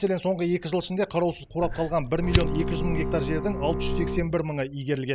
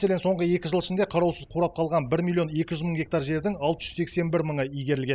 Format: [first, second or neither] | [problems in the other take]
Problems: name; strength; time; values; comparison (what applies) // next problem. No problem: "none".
second | background sound (Bowed string instrument + Fire); 2 dB below the speech